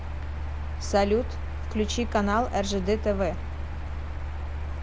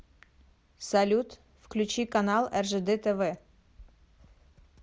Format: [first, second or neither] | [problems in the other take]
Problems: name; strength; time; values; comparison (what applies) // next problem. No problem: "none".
second | background sound (Mechanical fan); 2 dB below the speech